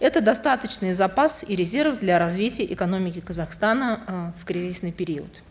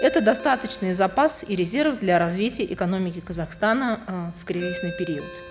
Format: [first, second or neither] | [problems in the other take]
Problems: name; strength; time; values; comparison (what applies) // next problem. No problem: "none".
first | background sound (Ringtone); 16 dB below the speech